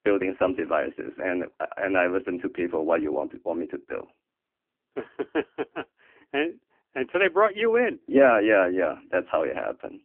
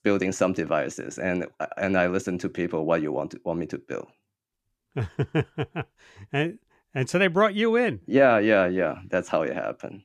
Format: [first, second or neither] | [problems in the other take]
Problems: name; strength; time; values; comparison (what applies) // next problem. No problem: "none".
second | phone-call audio; poor line